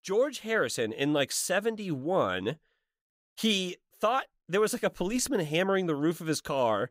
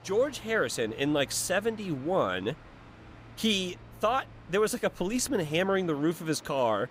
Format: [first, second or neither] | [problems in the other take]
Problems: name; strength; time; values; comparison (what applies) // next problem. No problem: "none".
first | train or aircraft noise; faint; throughout; 20 dB below the speech